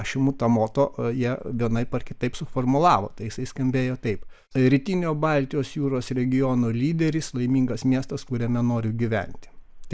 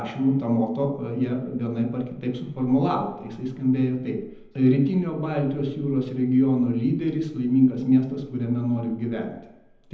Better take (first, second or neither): first